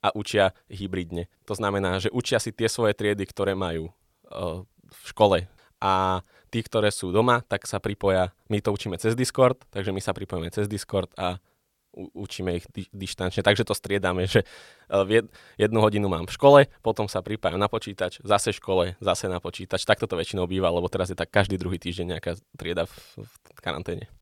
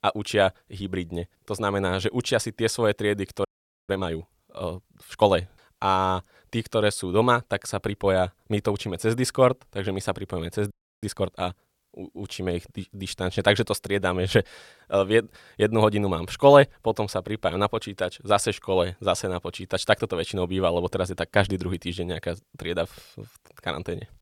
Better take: first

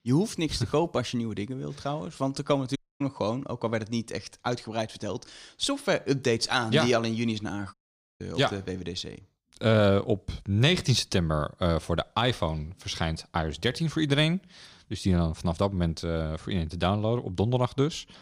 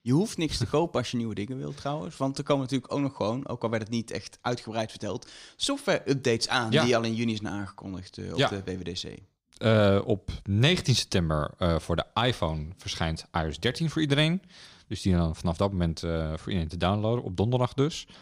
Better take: second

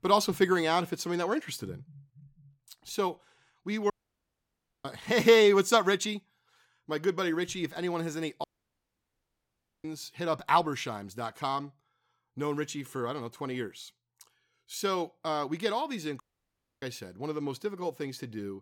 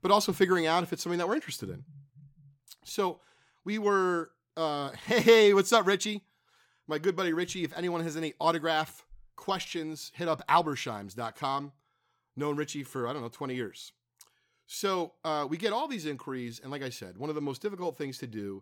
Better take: second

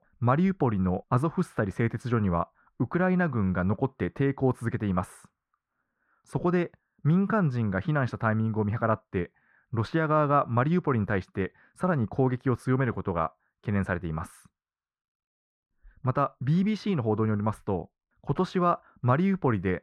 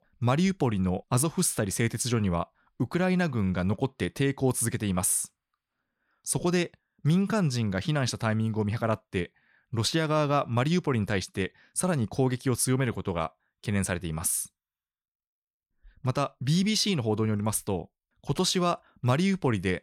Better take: second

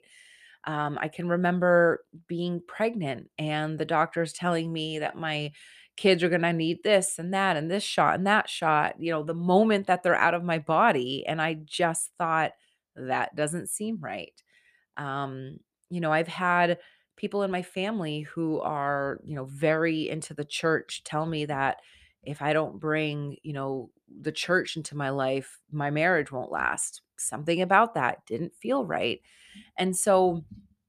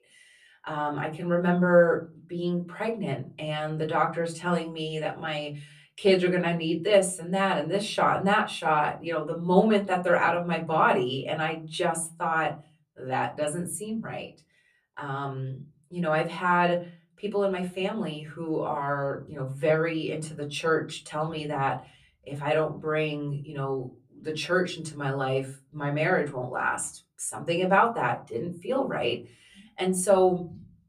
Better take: first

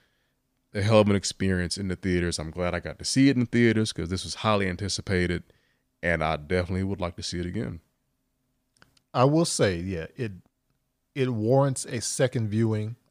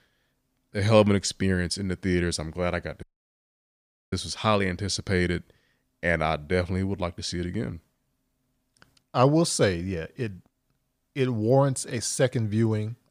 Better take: first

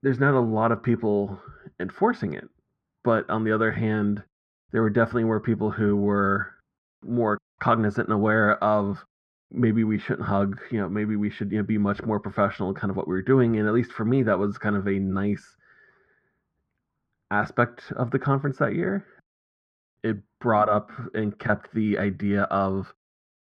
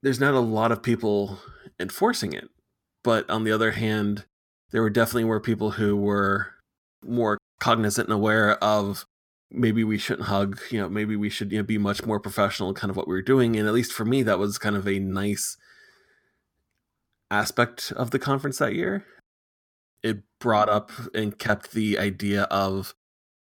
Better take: second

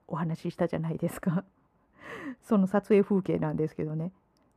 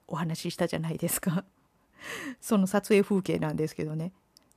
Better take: second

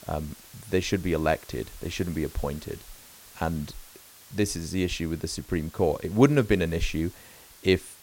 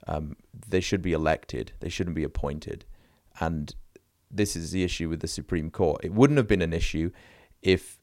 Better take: second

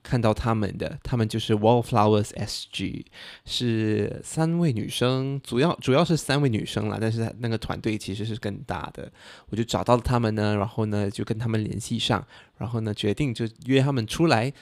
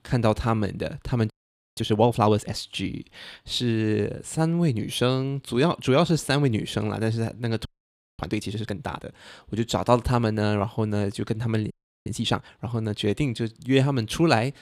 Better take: first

